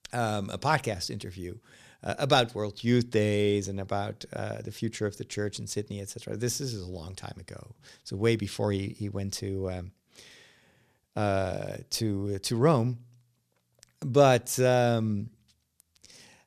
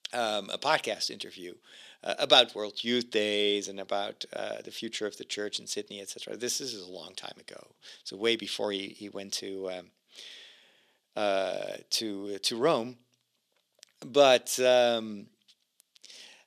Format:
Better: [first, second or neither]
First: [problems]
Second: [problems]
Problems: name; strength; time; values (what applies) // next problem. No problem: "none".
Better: first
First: none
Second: thin; somewhat; fading below 250 Hz